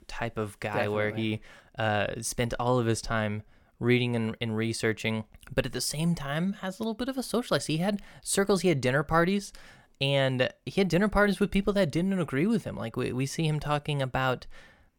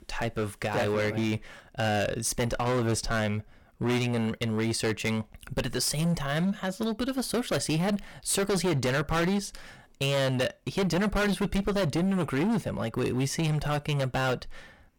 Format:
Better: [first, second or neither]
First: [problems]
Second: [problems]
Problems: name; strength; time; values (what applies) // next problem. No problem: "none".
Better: first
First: none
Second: distortion; heavy; 18% of the sound clipped